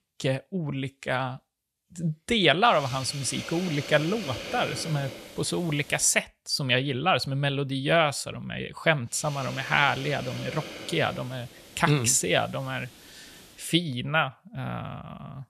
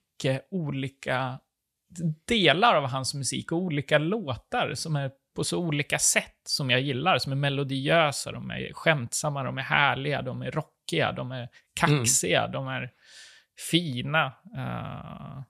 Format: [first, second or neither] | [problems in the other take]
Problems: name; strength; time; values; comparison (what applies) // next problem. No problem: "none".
second | hiss; noticeable; from 2.5 to 6 s and from 9 to 14 s; 15 dB below the speech